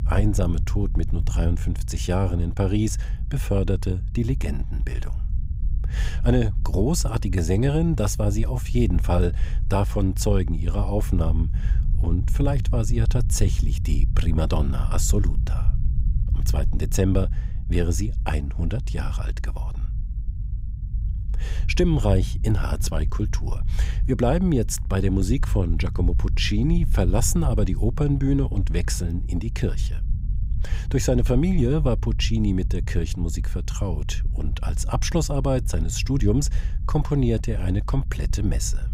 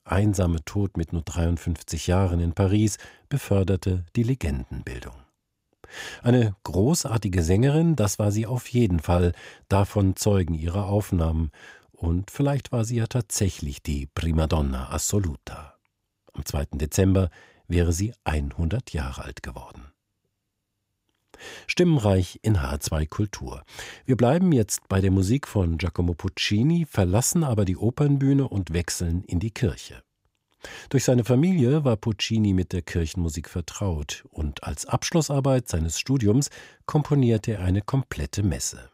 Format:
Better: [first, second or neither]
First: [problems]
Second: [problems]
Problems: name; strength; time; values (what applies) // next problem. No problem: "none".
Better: second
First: low rumble; noticeable; throughout; 15 dB below the speech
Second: none